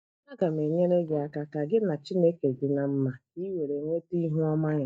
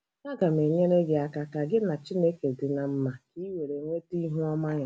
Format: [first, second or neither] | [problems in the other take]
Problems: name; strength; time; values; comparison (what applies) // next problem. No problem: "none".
second | noise reduction (neural mask model DeepFilterNet 3)